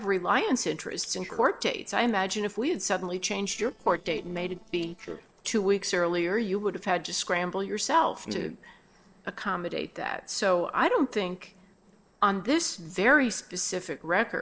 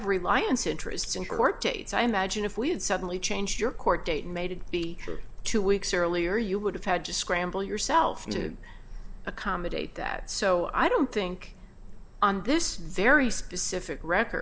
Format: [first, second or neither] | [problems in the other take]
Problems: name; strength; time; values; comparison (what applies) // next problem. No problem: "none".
second | noise reduction (neural separator model SepFormer DNS4)